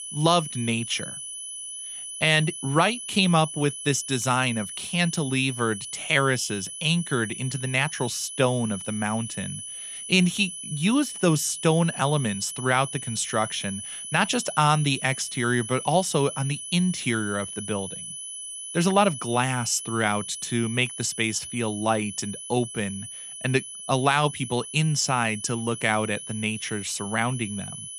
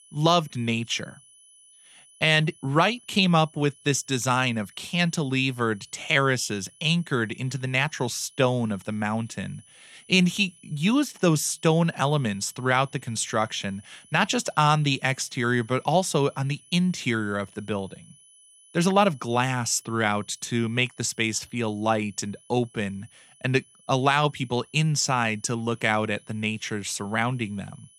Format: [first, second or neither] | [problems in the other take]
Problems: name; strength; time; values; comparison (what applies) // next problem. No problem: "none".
second | high-pitched whine; loud; throughout; 10 kHz, 9 dB below the speech; faint in the second